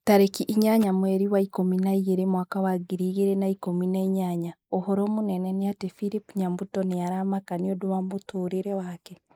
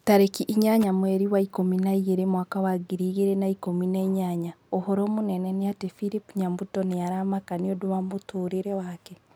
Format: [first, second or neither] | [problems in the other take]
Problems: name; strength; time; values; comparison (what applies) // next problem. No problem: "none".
second | noise reduction (neural mask model Resemble Enhance denoiser)